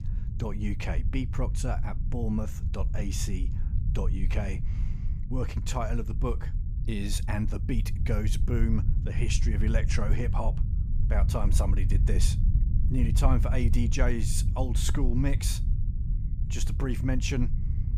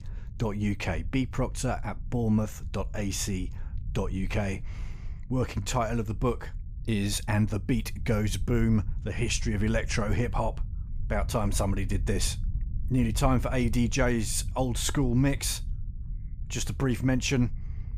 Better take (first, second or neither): second